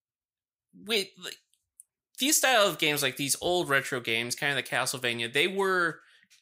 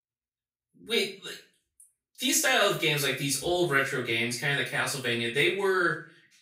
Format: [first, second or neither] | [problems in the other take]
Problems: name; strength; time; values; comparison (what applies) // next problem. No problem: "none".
first | off-mic speech; far // room echo; slight; dies away in 0.3 s